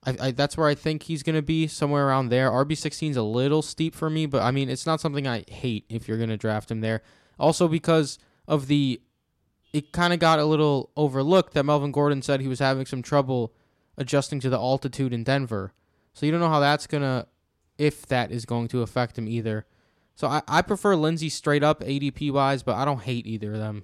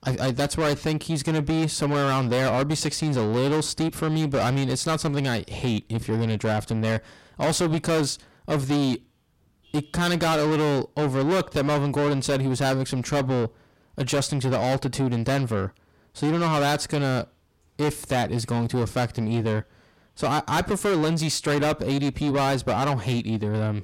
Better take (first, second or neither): first